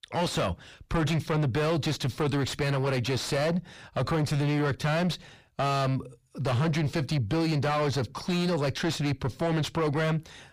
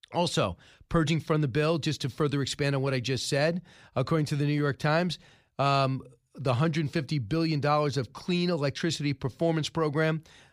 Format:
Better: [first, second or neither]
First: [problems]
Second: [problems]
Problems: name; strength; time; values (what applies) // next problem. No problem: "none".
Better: second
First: distortion; heavy; 6 dB below the speech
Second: none